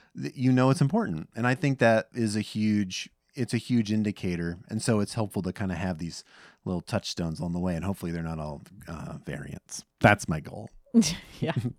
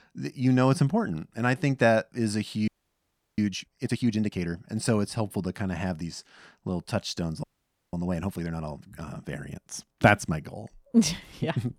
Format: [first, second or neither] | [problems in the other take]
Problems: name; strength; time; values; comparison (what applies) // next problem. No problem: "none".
first | audio freezing; at 2.5 s for 0.5 s and at 7.5 s